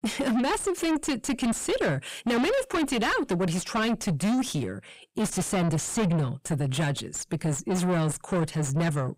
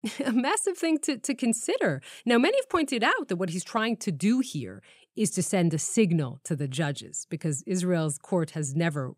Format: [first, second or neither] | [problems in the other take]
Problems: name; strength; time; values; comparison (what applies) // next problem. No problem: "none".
second | distortion; heavy; 5 dB below the speech